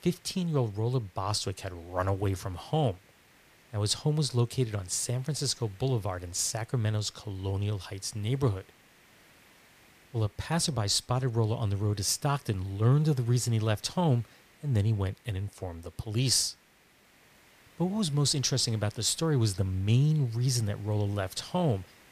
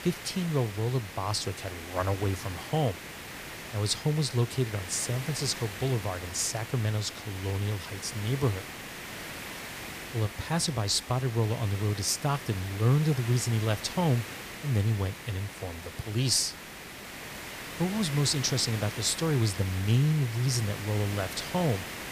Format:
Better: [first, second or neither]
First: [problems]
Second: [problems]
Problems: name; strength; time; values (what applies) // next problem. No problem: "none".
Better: first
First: hiss; faint; throughout; 30 dB below the speech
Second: hiss; loud; throughout; 10 dB below the speech